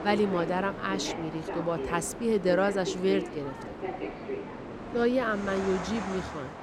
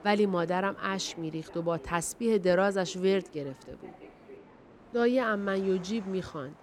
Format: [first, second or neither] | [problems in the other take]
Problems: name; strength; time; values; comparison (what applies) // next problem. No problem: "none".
second | train or aircraft noise; loud; throughout; 7 dB below the speech; faint in the second